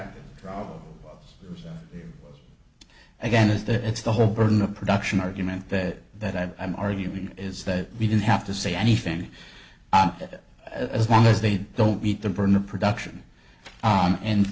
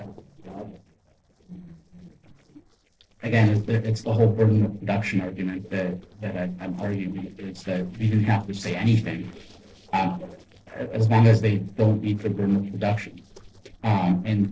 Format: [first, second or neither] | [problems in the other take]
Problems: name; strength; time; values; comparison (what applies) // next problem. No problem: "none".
first | noise reduction (neural separator model SepFormer DNS4)